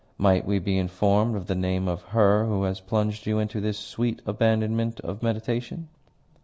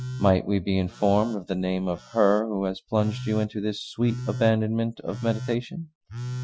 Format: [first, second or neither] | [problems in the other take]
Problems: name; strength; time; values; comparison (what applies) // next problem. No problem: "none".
first | noise reduction (classical method Wiener filter)